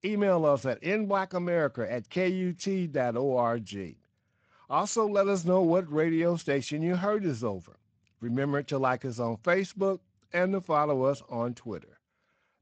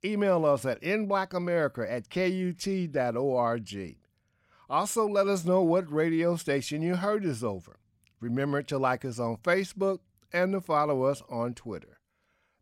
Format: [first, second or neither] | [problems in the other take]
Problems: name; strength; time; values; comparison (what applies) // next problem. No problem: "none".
second | garbled, watery; slightly; nothing above 7.5 kHz